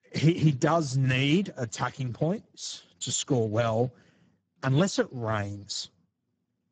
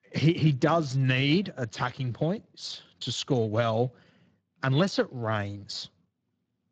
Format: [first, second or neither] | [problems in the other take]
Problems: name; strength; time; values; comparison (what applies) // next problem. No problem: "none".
second | garbled, watery; badly; nothing above 7.5 kHz; slightly in the second